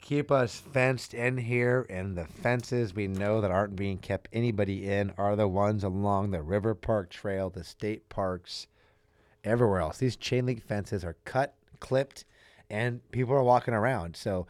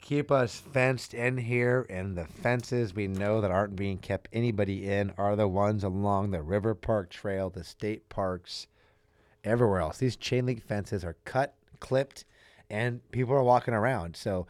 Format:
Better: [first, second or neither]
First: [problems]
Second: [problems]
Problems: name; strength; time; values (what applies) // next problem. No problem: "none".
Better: neither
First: none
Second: none